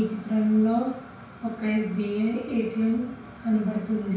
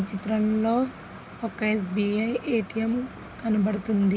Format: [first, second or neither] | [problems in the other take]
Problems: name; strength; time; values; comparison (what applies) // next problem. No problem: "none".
second | room echo; dies away in 0.5 s